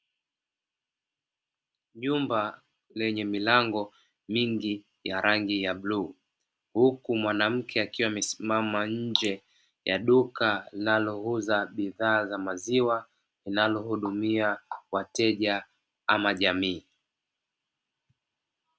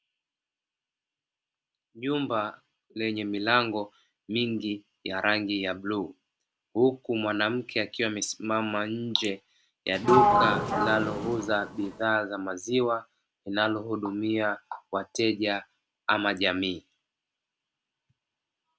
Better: first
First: none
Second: background sound (Sliding door); 3 dB above the speech

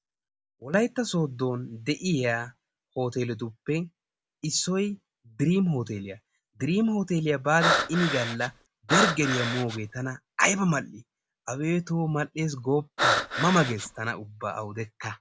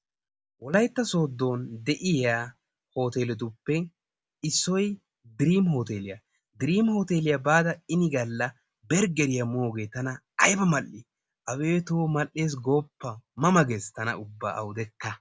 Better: second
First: background sound (Breathing); 1 dB above the speech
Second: none

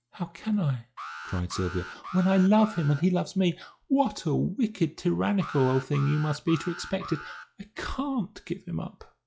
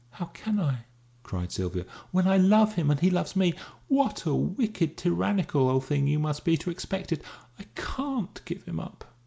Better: second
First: noise reduction (classical method log-MMSE)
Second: none

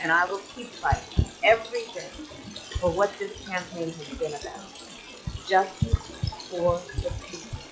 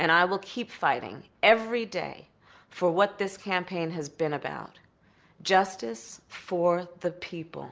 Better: second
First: noise reduction (classical method log-MMSE)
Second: none

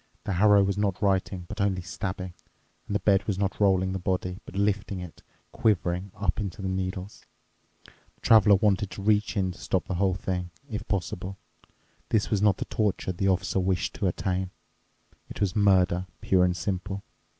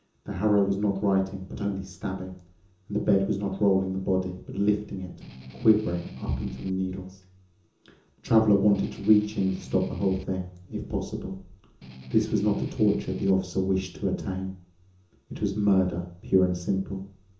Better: first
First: none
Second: background sound (Strum); 15 dB below the speech // room echo; dies away in 0.6 s

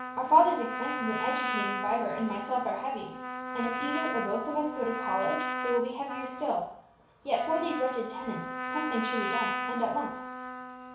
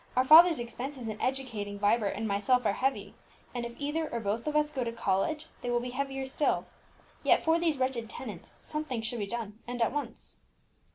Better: second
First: background sound (Trumpet); 4 dB below the speech // room echo; dies away in 0.6 s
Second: none

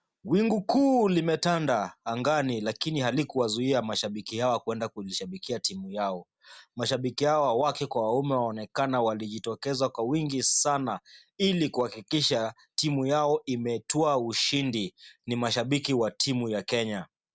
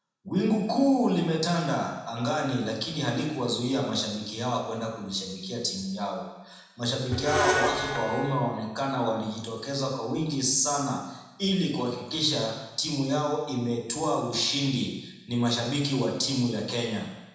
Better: first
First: none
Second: background sound (Screech); 4 dB below the speech // room echo; dies away in 1.1 s

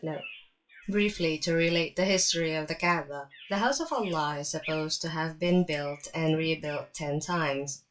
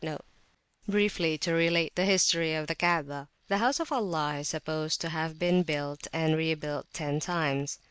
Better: second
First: noise reduction (classical method WPE with log-MMSE)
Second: none

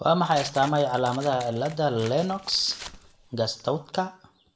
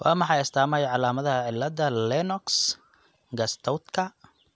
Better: second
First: background sound (Tearing); 18 dB below the speech // room echo; dies away in 0.4 s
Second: none

